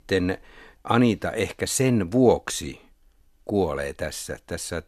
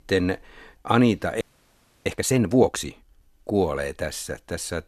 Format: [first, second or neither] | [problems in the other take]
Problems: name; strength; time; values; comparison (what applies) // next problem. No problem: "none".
first | audio freezing; at 1.5 s for 0.5 s